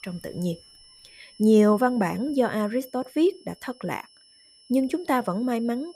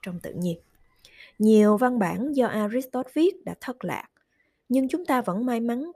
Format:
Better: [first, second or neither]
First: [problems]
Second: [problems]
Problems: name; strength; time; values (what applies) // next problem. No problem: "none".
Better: second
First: high-pitched whine; faint; throughout; 5.5 kHz, 25 dB below the speech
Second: none